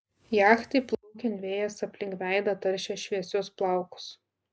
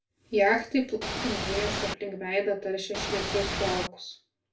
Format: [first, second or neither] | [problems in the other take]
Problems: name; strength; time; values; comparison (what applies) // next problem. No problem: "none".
first | background sound (Ocean / Boat, Water vehicle); 1 dB below the speech // room echo; dies away in 0.3 s